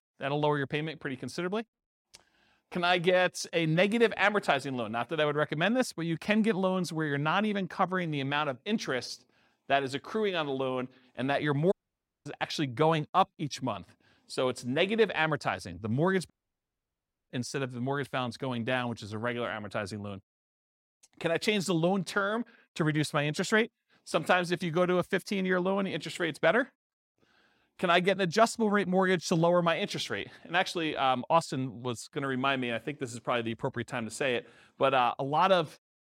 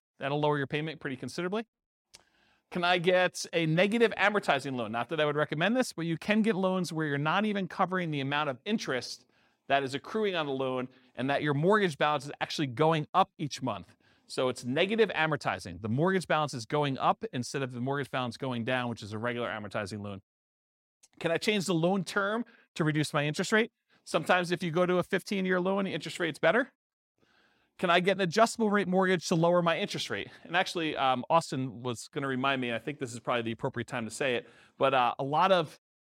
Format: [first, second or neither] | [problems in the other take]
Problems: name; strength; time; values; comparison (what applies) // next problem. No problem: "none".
second | audio cutting out; at 12 s for 0.5 s and at 16 s for 1 s